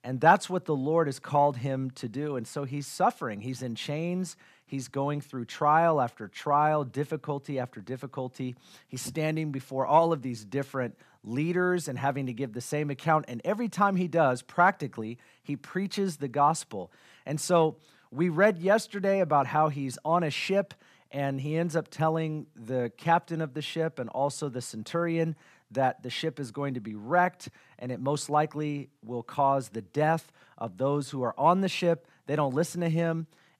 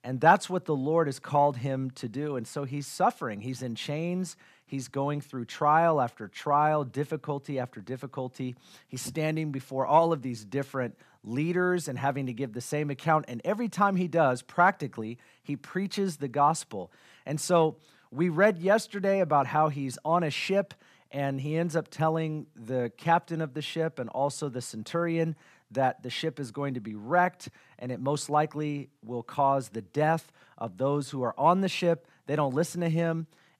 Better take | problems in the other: neither | none

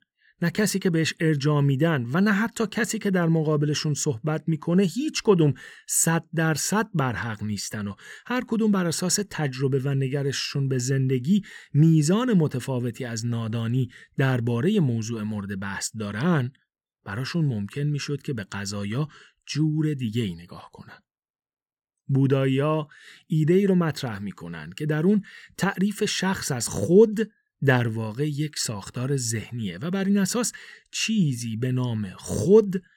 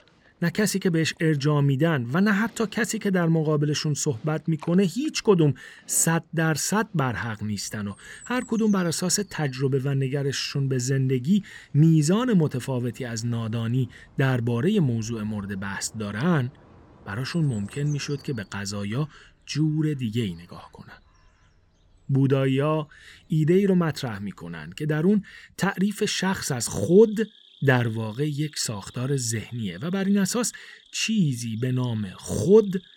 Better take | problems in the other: first | animal sounds; faint; throughout; 30 dB below the speech

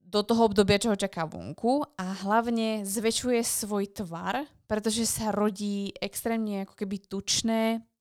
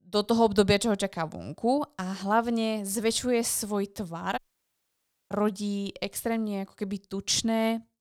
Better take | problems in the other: first | audio cutting out; at 4.5 s for 1 s

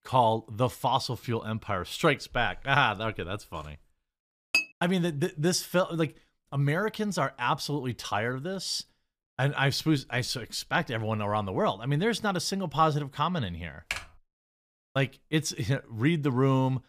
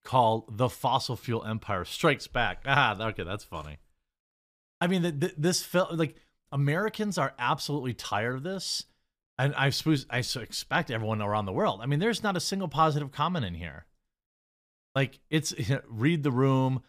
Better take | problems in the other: second | clattering dishes; loud; at 4.5 s; peak 2 dB above the speech // keyboard typing; noticeable; at 14 s; peak 7 dB below the speech

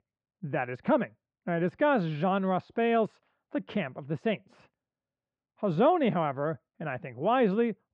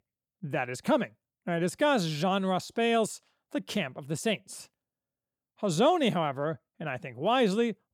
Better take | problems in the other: second | muffled; very; fading above 2 kHz

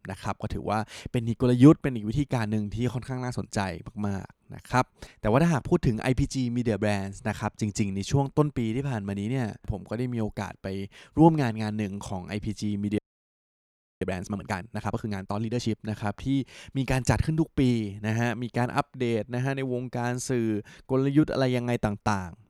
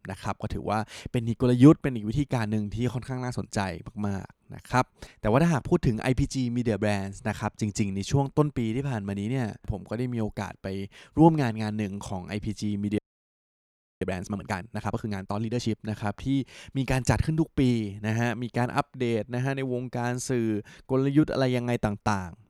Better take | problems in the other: neither | audio freezing; at 13 s for 1 s; the same in both

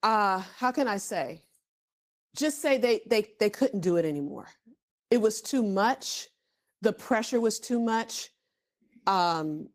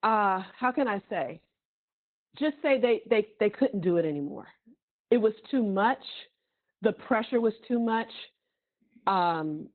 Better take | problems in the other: first | garbled, watery; badly; nothing above 4 kHz; slightly in the first

